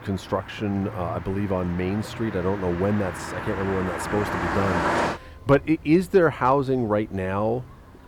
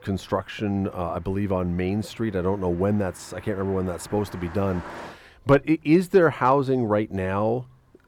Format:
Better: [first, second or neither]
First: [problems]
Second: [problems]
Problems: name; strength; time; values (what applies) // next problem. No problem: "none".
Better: second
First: traffic noise; loud; throughout; 5 dB below the speech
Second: traffic noise; faint; throughout; 20 dB below the speech